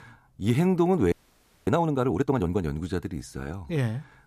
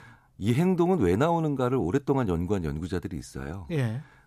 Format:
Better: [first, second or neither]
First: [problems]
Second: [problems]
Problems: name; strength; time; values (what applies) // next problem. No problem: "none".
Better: second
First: audio freezing; at 1 s for 0.5 s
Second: none